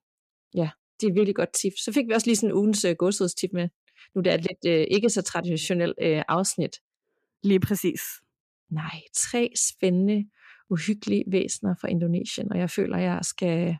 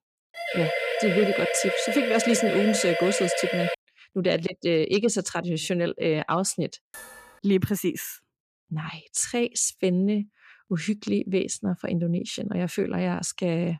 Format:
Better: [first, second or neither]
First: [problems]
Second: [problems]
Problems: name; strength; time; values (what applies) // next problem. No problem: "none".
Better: first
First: none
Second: siren; loud; until 4 s; peak 1 dB above the speech // clattering dishes; faint; at 7 s; peak 15 dB below the speech